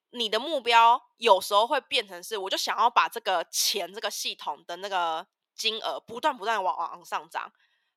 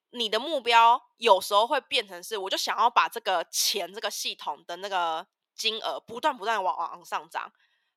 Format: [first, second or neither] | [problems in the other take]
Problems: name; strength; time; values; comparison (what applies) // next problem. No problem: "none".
neither | thin; very; fading below 500 Hz; the same in both